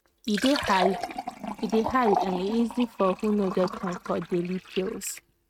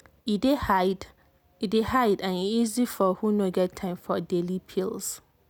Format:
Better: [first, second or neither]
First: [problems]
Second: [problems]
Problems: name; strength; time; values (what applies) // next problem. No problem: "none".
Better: second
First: noise reduction (neural mask model RNNoise)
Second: none